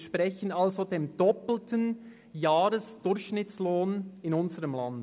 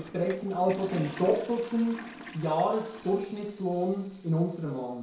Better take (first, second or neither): first